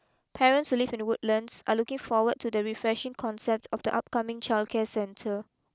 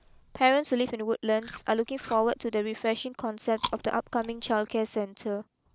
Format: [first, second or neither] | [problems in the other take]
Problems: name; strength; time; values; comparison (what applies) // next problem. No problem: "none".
first | background sound (Chewing, mastication); 17 dB below the speech